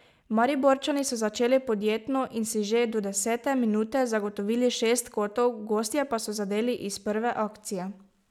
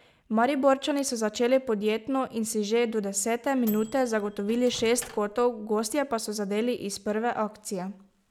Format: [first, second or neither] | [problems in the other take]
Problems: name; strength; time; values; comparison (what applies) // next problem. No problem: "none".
first | background sound (Microwave oven); 20 dB below the speech